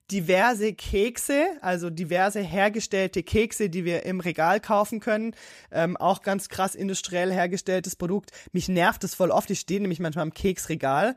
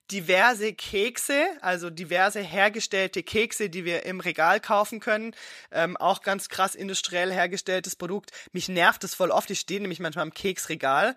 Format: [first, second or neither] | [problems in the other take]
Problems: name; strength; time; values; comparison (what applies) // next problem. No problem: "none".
first | thin; very slightly; fading below 800 Hz